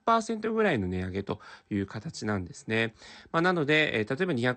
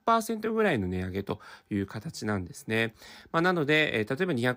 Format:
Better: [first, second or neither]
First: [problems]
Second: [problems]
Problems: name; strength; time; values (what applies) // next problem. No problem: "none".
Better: second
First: garbled, watery; slightly; nothing above 8.5 kHz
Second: none